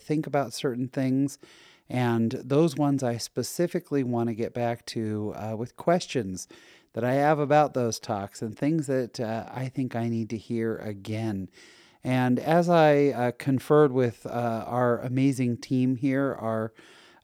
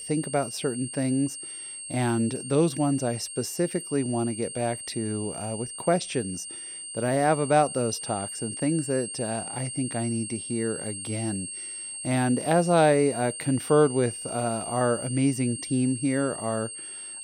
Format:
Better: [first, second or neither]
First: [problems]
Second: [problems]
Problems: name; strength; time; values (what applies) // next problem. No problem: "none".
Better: first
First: none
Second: high-pitched whine; loud; throughout; 8.5 kHz, 8 dB below the speech